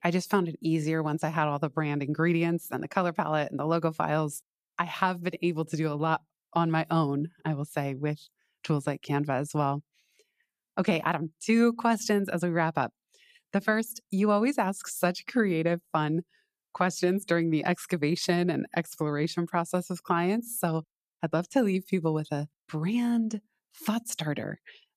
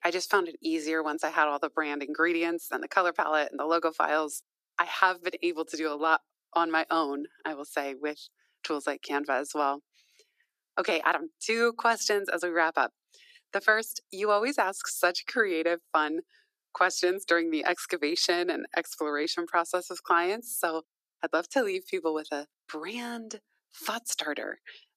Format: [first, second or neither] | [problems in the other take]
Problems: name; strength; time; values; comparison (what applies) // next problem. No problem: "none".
first | thin; very; fading below 300 Hz